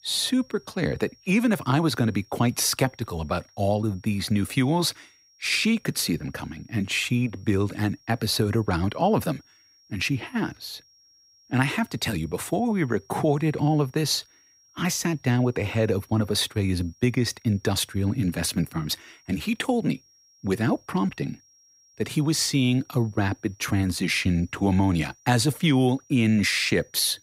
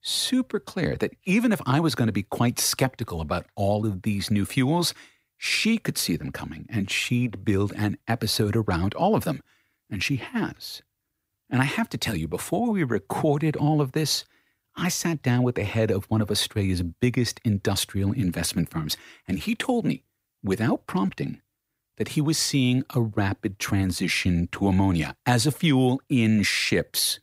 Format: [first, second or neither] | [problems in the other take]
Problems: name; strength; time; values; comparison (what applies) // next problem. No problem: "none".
second | high-pitched whine; faint; throughout; 5.5 kHz, 30 dB below the speech